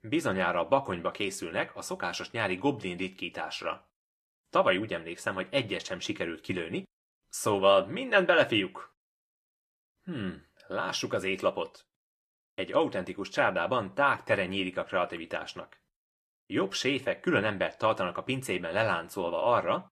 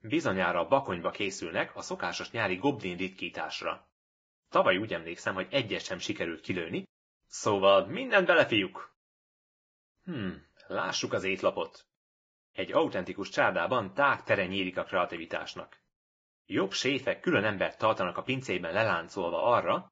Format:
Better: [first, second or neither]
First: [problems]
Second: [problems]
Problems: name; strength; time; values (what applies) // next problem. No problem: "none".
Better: first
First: garbled, watery; slightly; nothing above 14 kHz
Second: garbled, watery; badly; nothing above 7.5 kHz